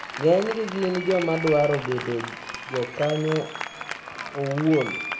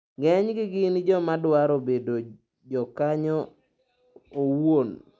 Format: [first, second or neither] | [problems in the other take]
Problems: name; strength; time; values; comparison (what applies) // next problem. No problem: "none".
second | background sound (Applause); 9 dB below the speech // room echo; dies away in 1.1 s